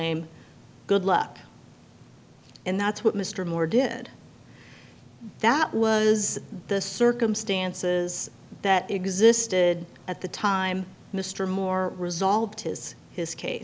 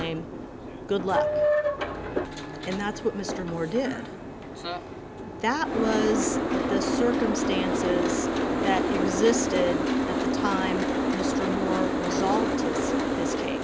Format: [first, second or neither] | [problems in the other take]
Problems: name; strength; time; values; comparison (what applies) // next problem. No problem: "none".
first | background sound (Boat, Water vehicle); 3 dB above the speech